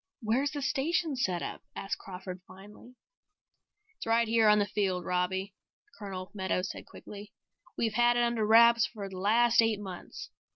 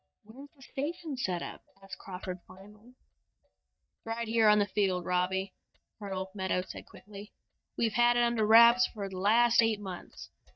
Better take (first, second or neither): first